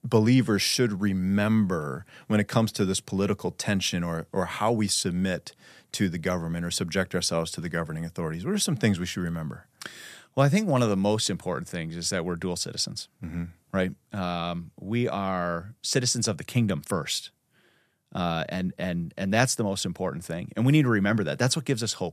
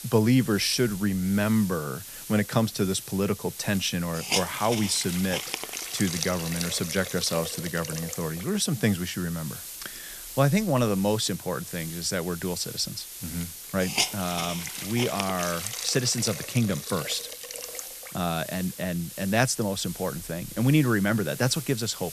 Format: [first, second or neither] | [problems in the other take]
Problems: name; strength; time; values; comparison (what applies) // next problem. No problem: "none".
first | hiss; loud; throughout; 7 dB below the speech